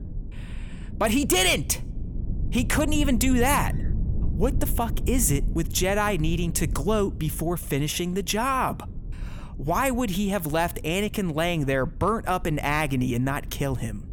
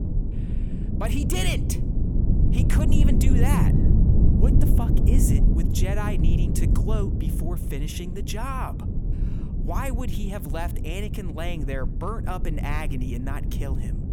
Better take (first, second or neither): first